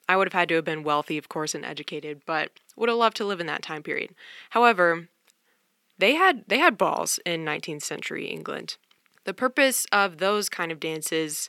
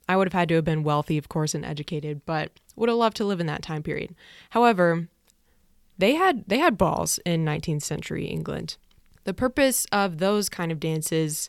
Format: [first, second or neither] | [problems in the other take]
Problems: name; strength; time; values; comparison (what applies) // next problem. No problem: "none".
second | thin; somewhat; fading below 250 Hz